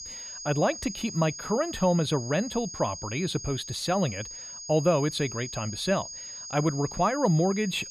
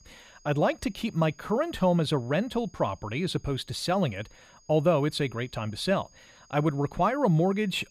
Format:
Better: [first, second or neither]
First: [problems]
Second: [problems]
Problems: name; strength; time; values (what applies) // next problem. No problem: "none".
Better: second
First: high-pitched whine; loud; throughout; 6.5 kHz, 10 dB below the speech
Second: high-pitched whine; faint; throughout; 6.5 kHz, 30 dB below the speech